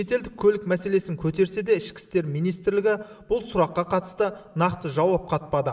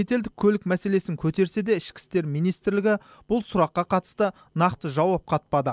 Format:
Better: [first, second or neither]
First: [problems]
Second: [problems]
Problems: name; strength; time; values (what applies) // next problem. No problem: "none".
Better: second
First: room echo; dies away in 1.7 s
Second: none